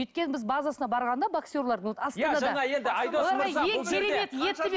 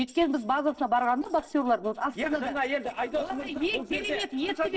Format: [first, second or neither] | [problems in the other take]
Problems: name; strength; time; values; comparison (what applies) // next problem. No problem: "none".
first | noise reduction (neural separator model SepFormer DNS4)